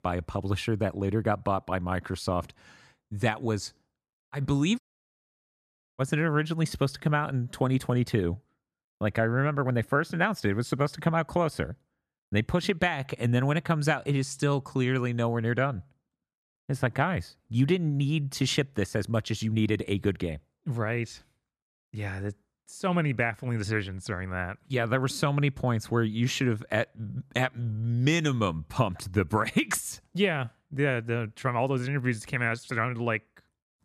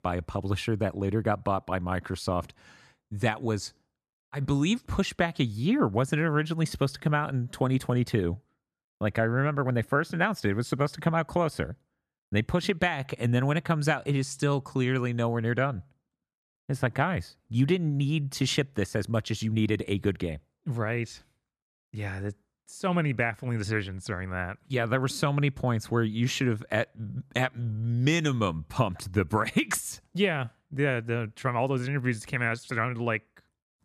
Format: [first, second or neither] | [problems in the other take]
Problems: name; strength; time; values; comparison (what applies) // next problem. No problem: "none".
second | audio cutting out; at 5 s for 1 s